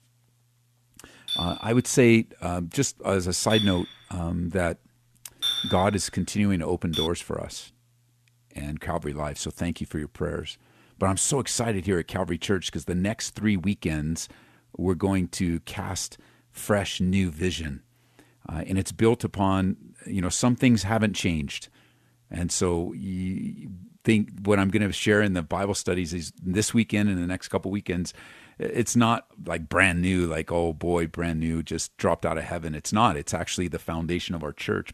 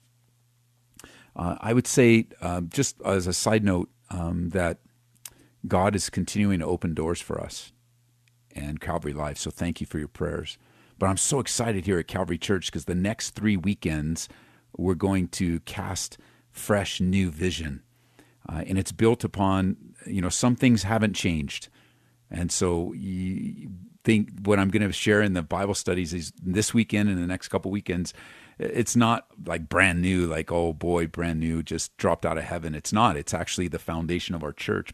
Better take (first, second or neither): second